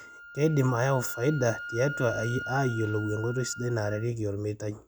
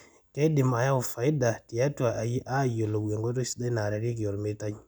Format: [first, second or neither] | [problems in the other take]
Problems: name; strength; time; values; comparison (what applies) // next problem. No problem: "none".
second | background sound (Wind instrument, woodwind instrument); 12 dB below the speech